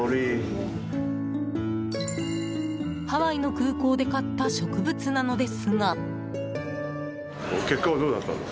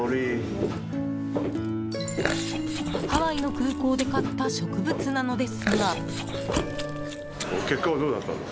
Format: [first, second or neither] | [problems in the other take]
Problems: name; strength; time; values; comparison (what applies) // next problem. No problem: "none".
first | background sound (Chewing, mastication + Walk, footsteps); 6 dB below the speech